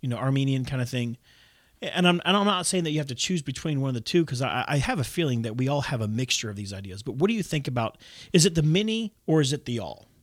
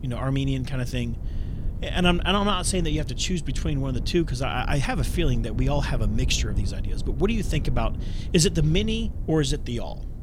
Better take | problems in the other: first | low rumble; noticeable; throughout; 15 dB below the speech

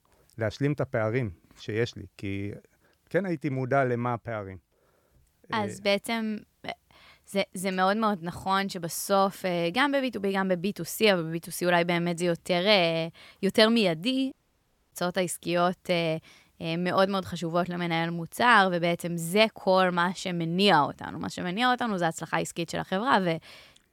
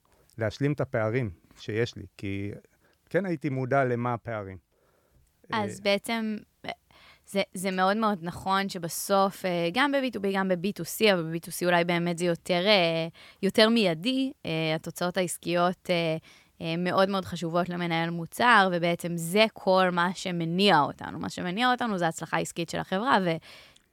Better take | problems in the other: second | audio cutting out; at 14 s for 0.5 s

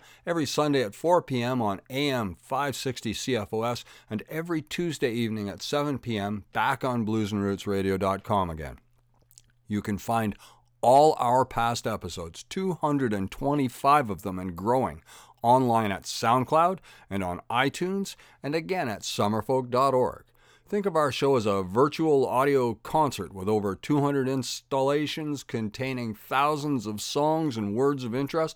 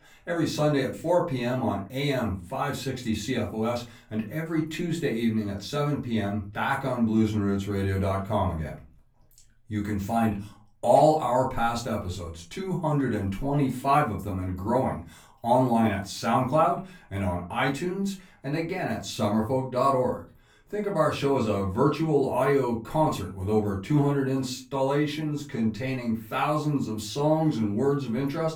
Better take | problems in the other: first | off-mic speech; far // room echo; slight; dies away in 0.3 s

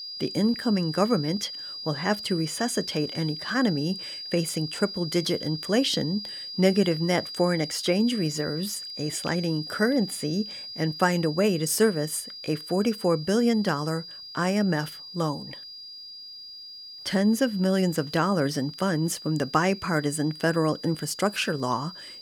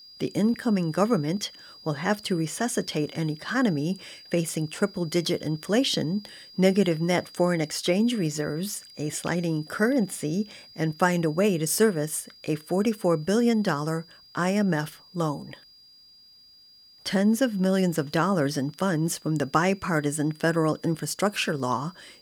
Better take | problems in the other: second | high-pitched whine; loud; throughout; 5 kHz, 10 dB below the speech; faint in the second

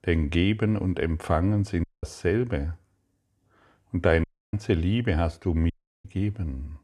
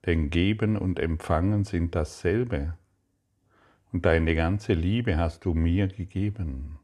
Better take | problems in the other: second | audio cutting out; at 2 s, at 4 s and at 5.5 s

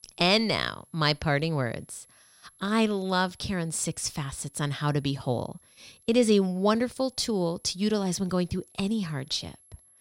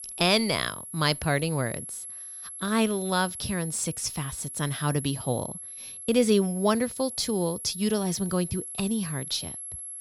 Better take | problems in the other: first | high-pitched whine; loud; throughout; 11 kHz, 9 dB below the speech; faint in the first

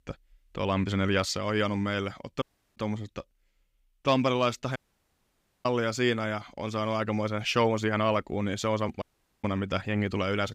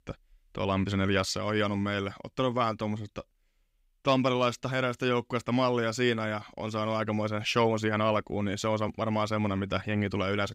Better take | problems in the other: second | audio cutting out; at 2.5 s, at 5 s for 1 s and at 9 s

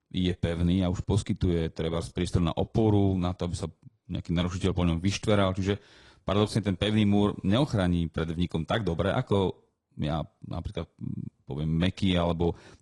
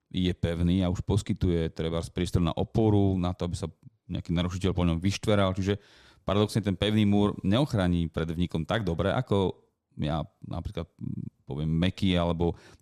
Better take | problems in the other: second | garbled, watery; slightly; nothing above 10 kHz

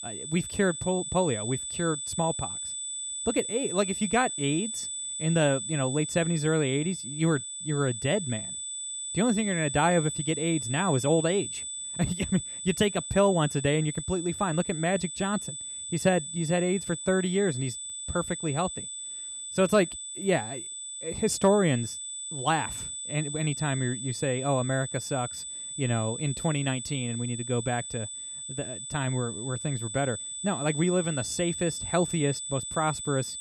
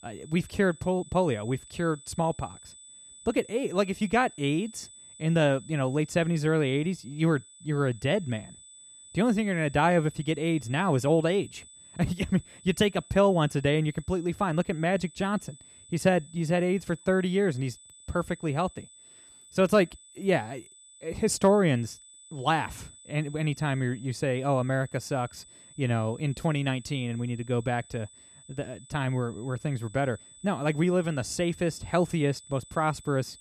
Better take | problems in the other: second | high-pitched whine; loud; throughout; 8 kHz, 5 dB below the speech; faint in the second

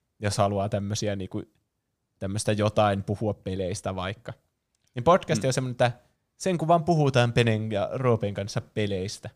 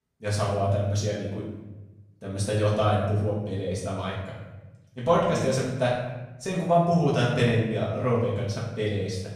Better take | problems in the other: first | off-mic speech; far // room echo; noticeable; dies away in 1 s

